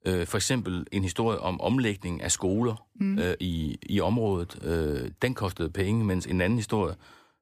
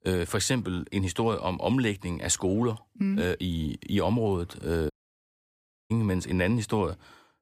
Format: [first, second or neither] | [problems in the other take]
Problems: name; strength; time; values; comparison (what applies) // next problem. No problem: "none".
first | audio cutting out; at 5 s for 1 s